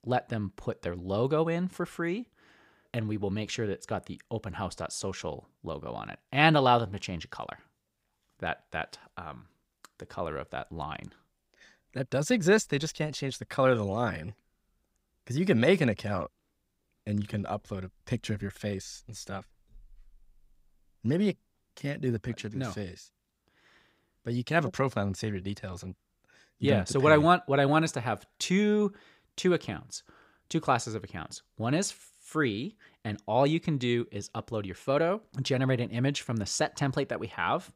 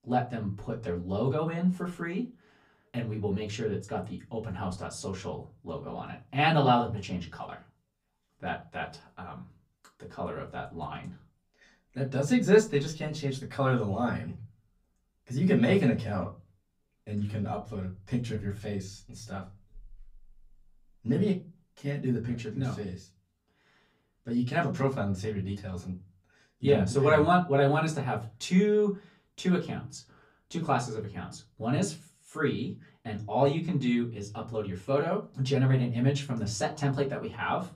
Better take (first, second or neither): first